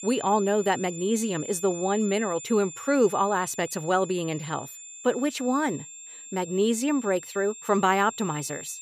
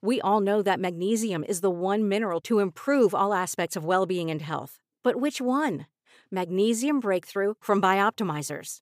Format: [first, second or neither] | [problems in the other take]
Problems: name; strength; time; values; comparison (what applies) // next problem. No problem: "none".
second | high-pitched whine; noticeable; throughout; 7 kHz, 15 dB below the speech